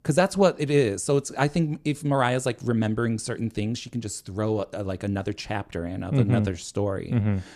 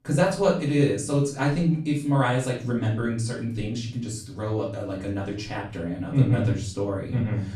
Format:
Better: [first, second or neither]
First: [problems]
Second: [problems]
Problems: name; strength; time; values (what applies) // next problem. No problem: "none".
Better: first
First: none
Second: room echo; slight; dies away in 0.4 s // off-mic speech; far